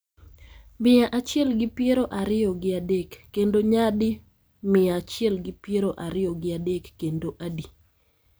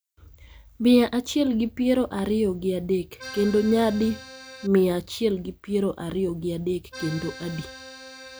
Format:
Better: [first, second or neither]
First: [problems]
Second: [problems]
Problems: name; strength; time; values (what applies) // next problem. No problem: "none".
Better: first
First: none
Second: background sound (Accordion); 15 dB below the speech